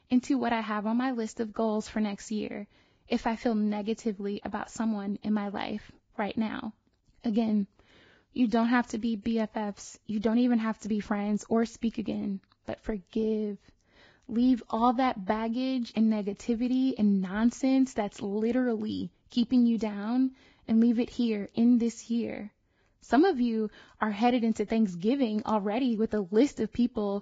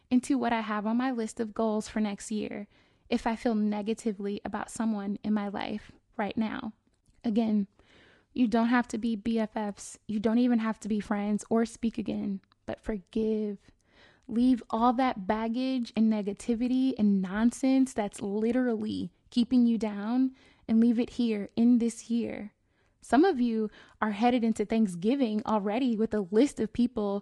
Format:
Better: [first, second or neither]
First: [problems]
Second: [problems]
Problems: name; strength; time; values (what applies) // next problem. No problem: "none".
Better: second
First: garbled, watery; badly; nothing above 7.5 kHz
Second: garbled, watery; slightly; nothing above 10.5 kHz